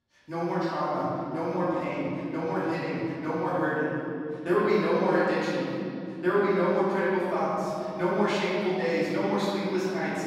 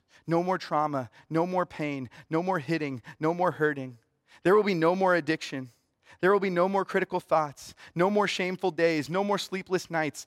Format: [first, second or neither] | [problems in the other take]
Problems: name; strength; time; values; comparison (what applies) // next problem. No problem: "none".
second | off-mic speech; far // room echo; strong; dies away in 3 s